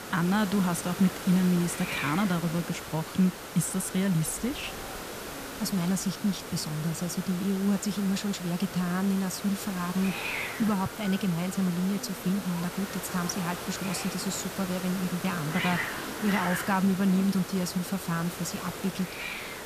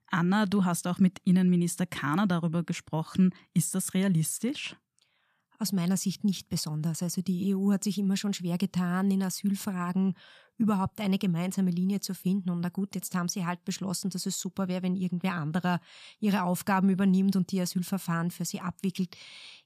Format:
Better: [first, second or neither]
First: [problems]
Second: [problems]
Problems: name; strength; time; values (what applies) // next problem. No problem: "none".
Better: second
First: hiss; loud; throughout; 7 dB below the speech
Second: none